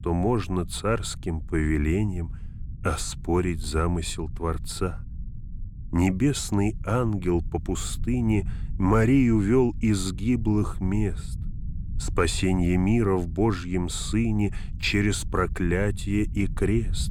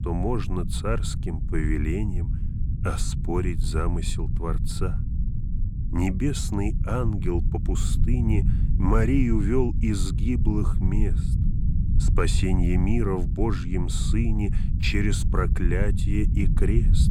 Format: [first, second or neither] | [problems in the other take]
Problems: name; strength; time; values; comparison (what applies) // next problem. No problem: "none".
first | low rumble; loud; throughout; 10 dB below the speech; faint in the first